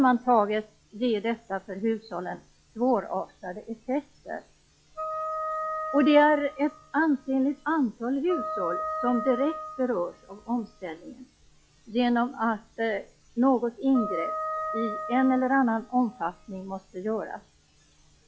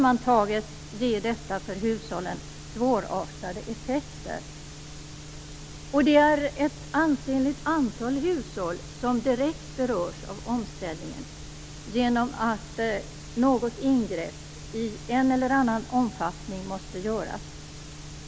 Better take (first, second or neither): second